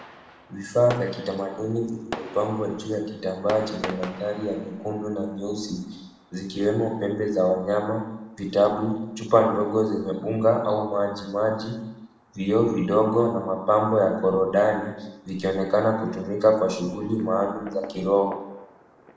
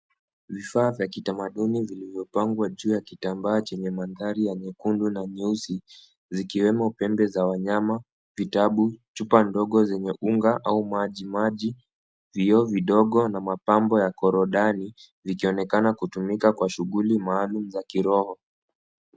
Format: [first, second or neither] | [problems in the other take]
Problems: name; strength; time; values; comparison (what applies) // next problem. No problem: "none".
second | background sound (Fireworks); 20 dB below the speech // room echo; dies away in 0.8 s